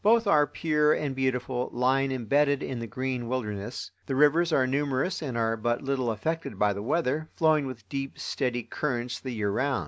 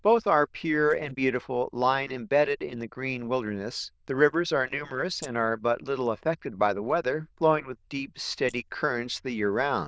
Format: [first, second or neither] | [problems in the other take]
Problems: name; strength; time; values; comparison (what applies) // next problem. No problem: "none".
first | noise reduction (neural diffusion model UNIVERSE++)